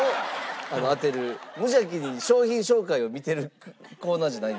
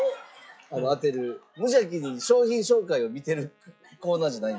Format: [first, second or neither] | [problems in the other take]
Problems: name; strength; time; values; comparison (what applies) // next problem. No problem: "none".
first | noise reduction (classical method log-MMSE)